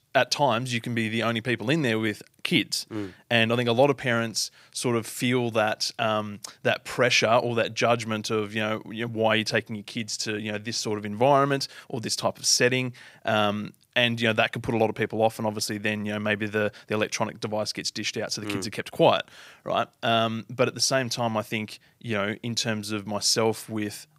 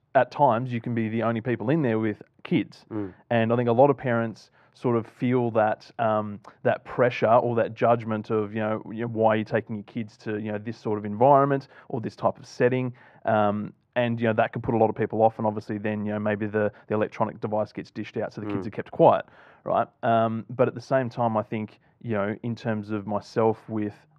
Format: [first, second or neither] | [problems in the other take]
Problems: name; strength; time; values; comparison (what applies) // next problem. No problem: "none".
first | muffled; very; fading above 3.5 kHz